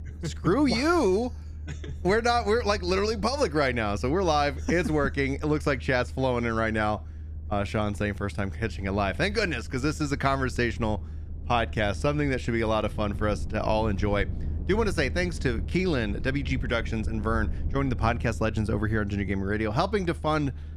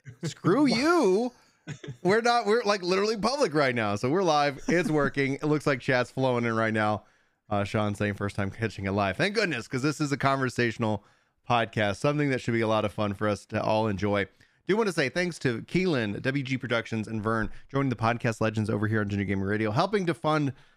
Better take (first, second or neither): second